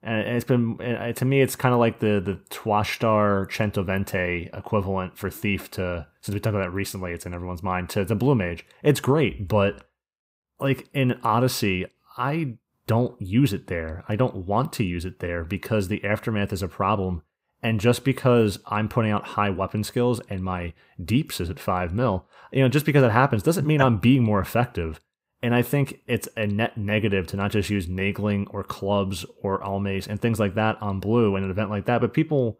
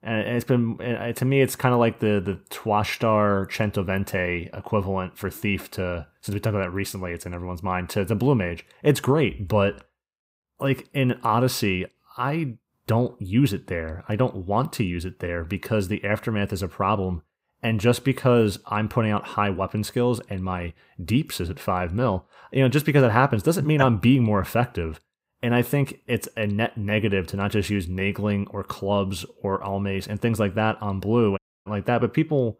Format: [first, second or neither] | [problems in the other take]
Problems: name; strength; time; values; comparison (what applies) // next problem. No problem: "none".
first | audio cutting out; at 31 s